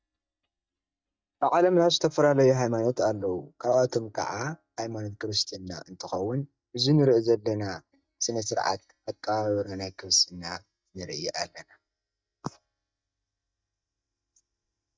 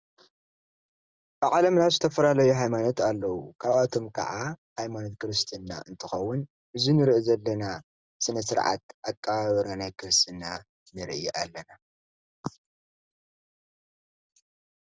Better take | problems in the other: second | noise reduction (neural mask model DeepFilterNet 3)

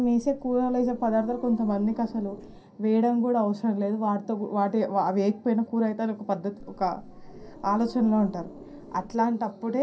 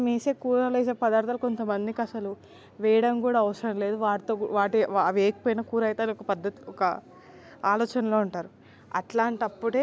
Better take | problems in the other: second | background sound (Growling); 17 dB below the speech // room echo; dies away in 0.3 s

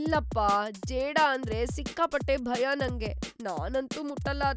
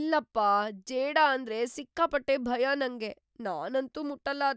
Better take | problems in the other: second | background sound (Drum kit); 7 dB below the speech

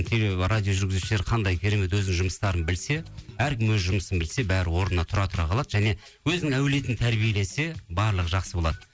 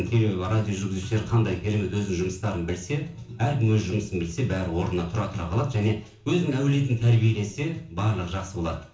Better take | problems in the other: first | room echo; dies away in 0.7 s

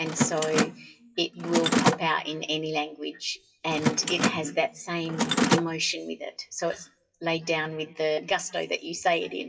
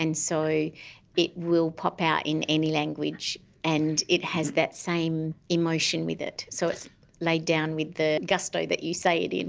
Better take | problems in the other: second | noise reduction (classical method WPE with log-MMSE)

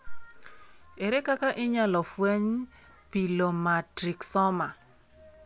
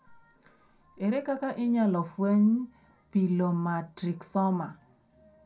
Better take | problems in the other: first | room echo; dies away in 0.2 s

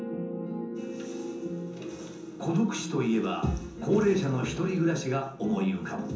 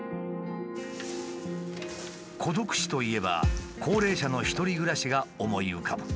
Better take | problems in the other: second | room echo; dies away in 0.6 s

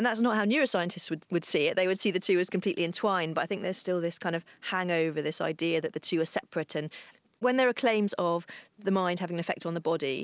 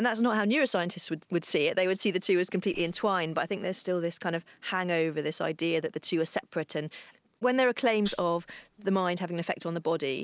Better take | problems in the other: first | noise reduction (neural mask model Resemble Enhance denoiser)

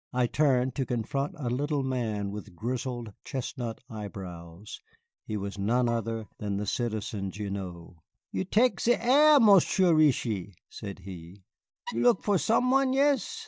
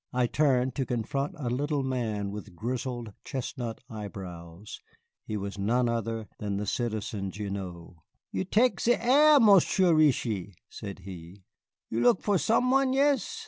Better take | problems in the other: second | noise reduction (neural mask model DeepFilterNet 3)

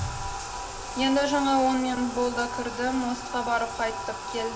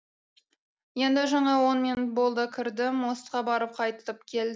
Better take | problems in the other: second | background sound (Bathtub (filling or washing)); 7 dB below the speech // room echo; dies away in 1.5 s

